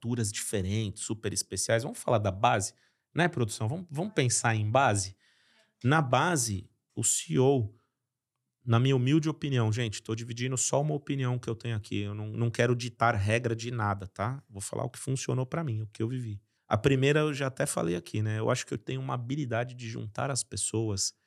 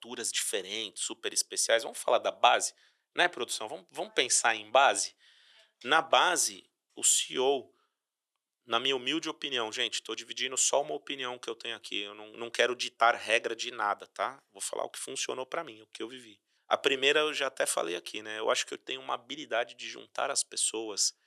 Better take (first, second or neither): first